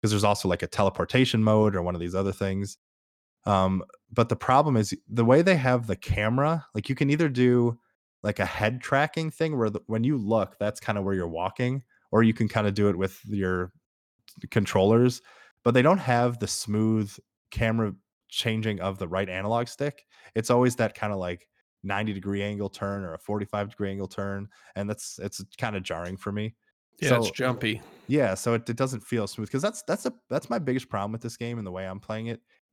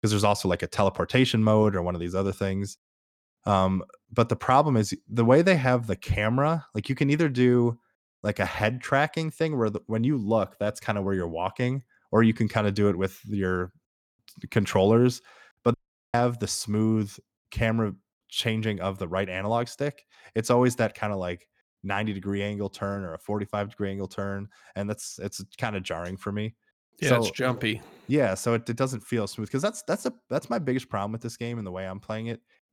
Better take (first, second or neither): first